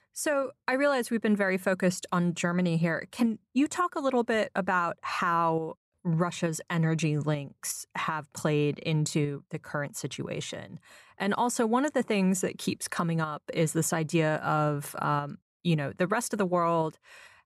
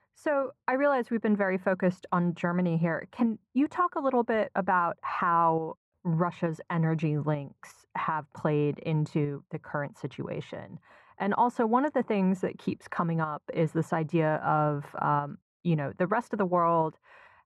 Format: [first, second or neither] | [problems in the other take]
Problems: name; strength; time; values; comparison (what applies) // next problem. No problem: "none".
first | muffled; very; fading above 3.5 kHz